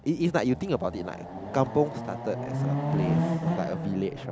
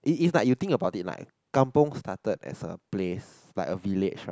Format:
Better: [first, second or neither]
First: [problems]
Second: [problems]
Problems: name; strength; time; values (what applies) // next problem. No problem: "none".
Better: second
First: background sound (Chatter / Car passing by / Motorcycle / Traffic noise, roadway noise / Accelerating, revving, vroom); 2 dB below the speech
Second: none